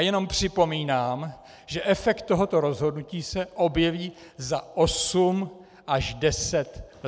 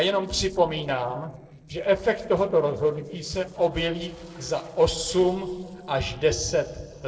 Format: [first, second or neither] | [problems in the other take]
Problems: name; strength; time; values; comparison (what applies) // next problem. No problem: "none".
first | noise reduction (neural separator model SepFormer DNS4)